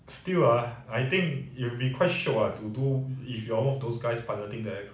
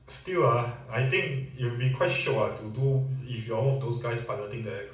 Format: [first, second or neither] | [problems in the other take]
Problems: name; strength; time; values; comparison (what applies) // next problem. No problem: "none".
first | room echo; dies away in 1.4 s